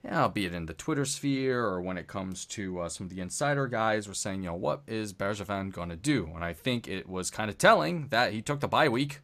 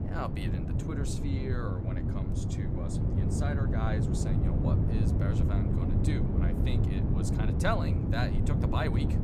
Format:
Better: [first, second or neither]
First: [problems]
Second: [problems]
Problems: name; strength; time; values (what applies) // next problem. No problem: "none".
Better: first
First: none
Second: wind noise on the microphone; heavy; as loud as the speech